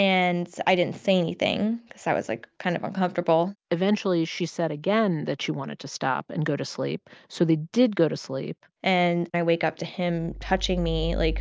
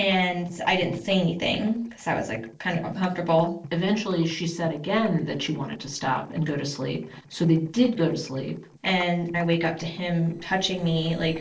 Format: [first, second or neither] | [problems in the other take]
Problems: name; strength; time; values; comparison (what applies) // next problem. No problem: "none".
first | noise reduction (neural separator model SepFormer DNS4)